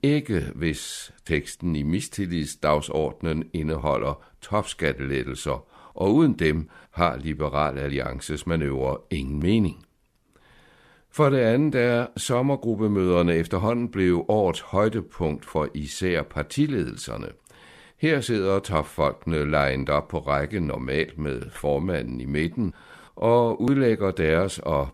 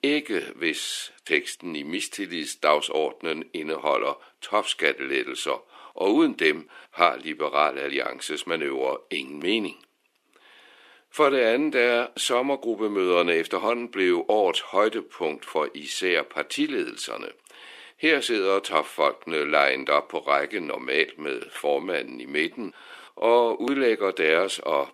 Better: first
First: none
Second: thin; somewhat; fading below 300 Hz

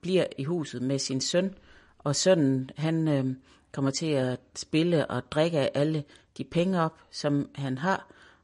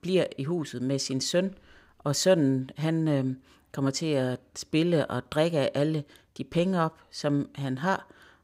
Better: second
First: garbled, watery; slightly; nothing above 10.5 kHz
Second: none

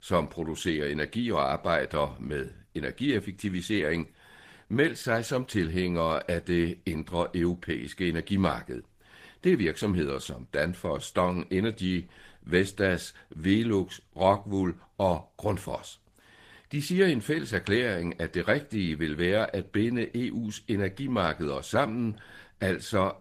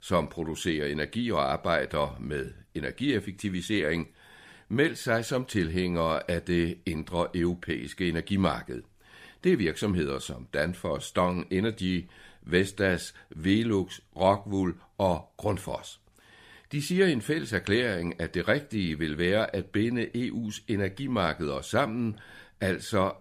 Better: second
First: garbled, watery; slightly; nothing above 15 kHz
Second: none

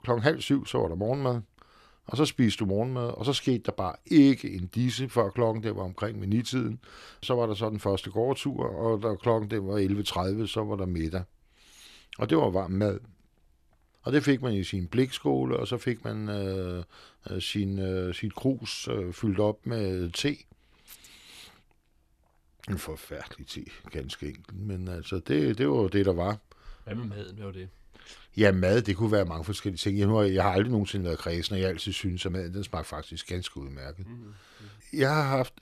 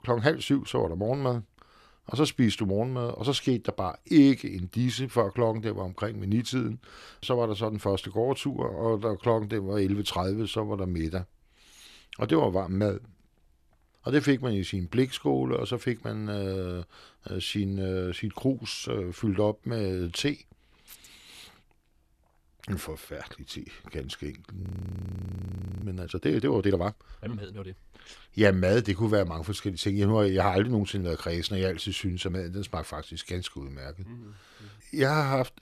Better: first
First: none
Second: audio freezing; at 25 s for 1 s

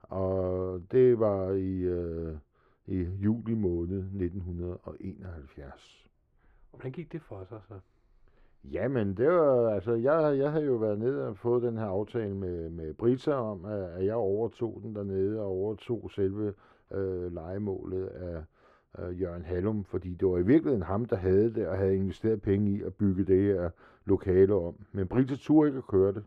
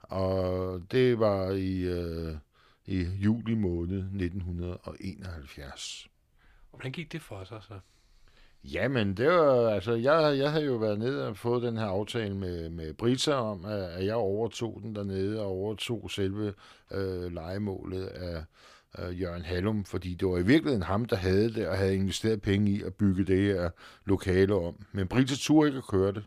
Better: second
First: muffled; very; fading above 2.5 kHz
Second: none

